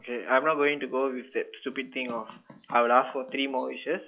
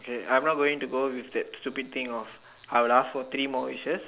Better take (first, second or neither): second